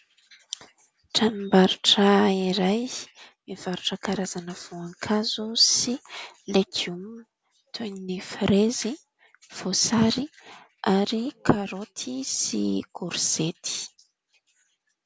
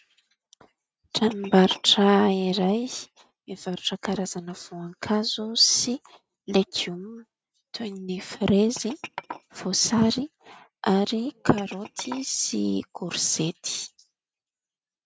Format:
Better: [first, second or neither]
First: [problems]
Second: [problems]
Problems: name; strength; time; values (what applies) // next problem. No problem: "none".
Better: first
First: none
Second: noise reduction (neural mask model RNNoise)